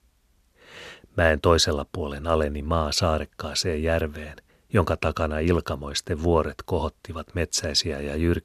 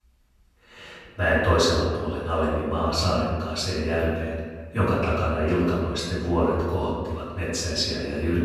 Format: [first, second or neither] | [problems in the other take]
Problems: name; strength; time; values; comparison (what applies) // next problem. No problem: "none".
first | off-mic speech; far // room echo; strong; dies away in 1.5 s